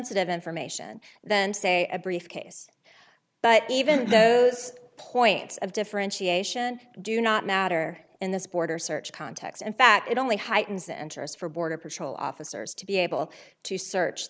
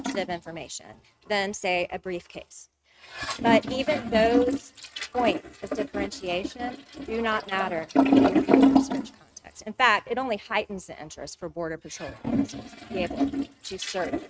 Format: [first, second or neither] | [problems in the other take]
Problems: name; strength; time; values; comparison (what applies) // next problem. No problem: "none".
first | noise reduction (neural mask model RNNoise)